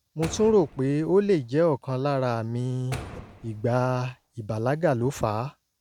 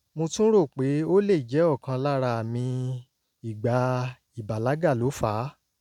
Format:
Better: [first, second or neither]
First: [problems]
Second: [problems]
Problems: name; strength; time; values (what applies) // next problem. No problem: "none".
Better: second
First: background sound (Door); 17 dB below the speech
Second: none